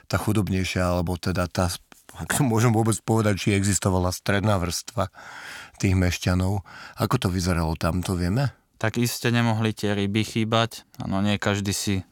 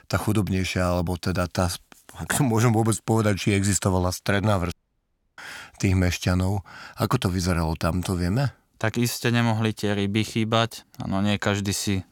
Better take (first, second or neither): first